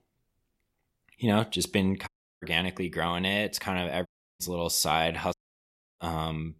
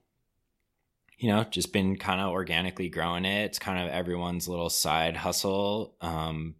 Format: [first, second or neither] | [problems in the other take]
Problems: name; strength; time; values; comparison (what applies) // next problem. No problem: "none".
second | audio cutting out; at 2 s, at 4 s and at 5.5 s for 0.5 s